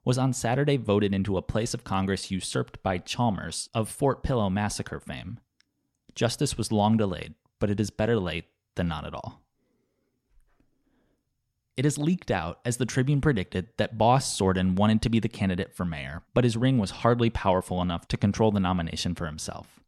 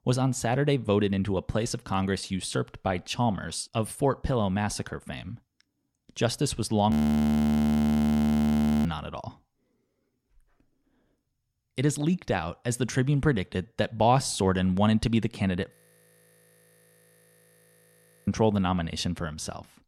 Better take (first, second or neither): first